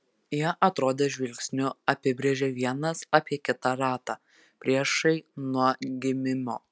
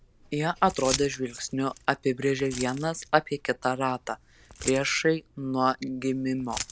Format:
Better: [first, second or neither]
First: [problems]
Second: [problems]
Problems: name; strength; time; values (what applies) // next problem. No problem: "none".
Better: first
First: none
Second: background sound (Keys jangling); 13 dB below the speech